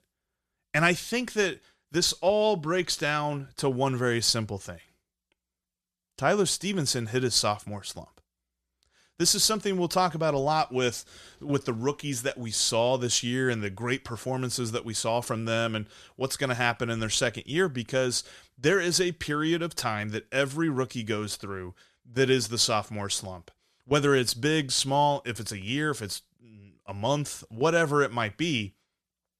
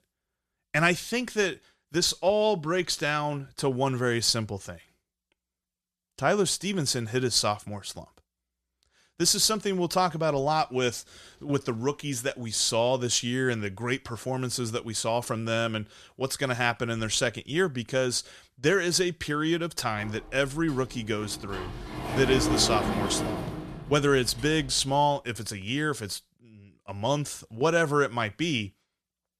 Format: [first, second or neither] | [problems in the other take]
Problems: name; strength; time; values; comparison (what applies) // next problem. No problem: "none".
first | door banging; noticeable; from 20 to 25 s; peak level with the speech